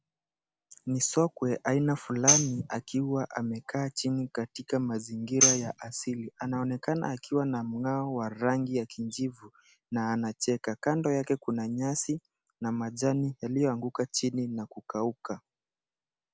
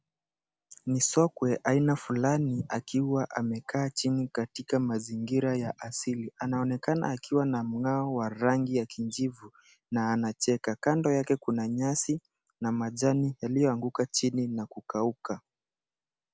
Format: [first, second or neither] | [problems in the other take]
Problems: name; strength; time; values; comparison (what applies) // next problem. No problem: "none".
second | background sound (Tambourine); 1 dB above the speech